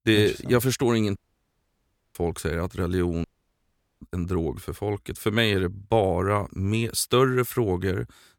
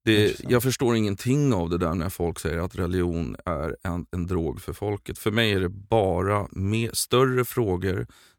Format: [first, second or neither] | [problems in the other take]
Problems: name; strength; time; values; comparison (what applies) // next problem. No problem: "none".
second | audio cutting out; at 1 s for 1 s and at 3 s for 1 s